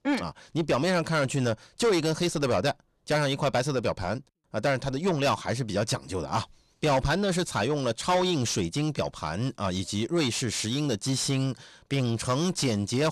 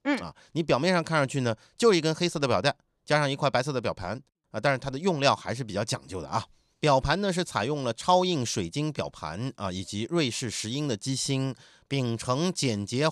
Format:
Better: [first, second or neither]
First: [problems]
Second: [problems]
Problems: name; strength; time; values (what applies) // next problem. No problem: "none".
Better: second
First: distortion; heavy; 7 dB below the speech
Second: none